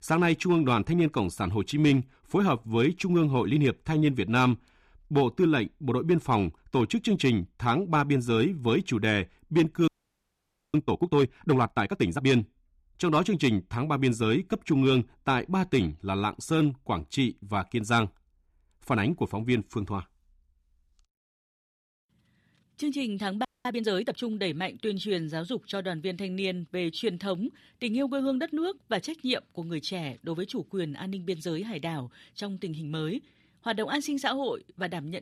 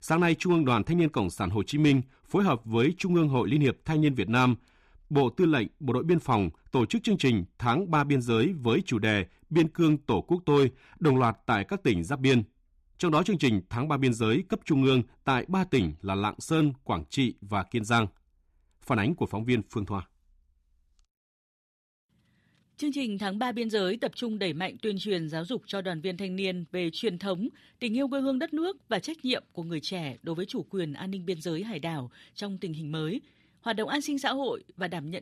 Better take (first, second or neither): second